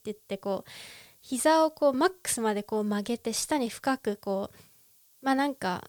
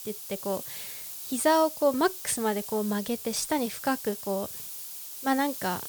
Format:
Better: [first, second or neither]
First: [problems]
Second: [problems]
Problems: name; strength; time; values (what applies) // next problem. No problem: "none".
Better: first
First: hiss; faint; throughout; 30 dB below the speech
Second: hiss; loud; throughout; 8 dB below the speech